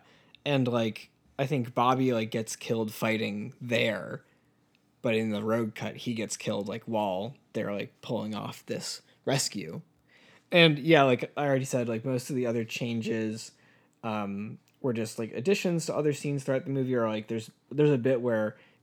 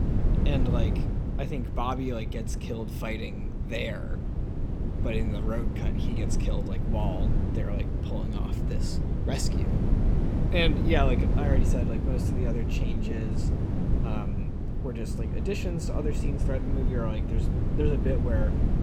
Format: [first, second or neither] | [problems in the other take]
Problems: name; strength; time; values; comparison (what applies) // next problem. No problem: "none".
first | wind noise on the microphone; heavy; 3 dB below the speech